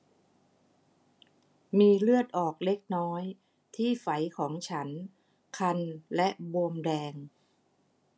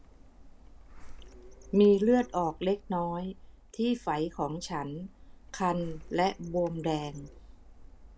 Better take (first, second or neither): first